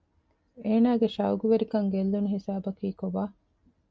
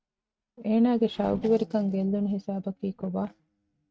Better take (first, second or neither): first